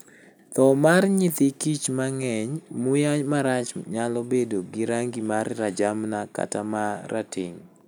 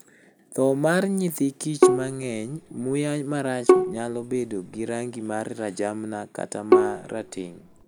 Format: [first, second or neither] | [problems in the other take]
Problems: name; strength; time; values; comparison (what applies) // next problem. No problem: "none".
first | background sound (Bowed string instrument); 5 dB above the speech